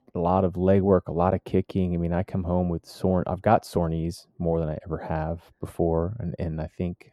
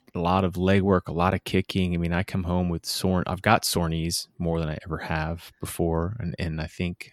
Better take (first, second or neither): second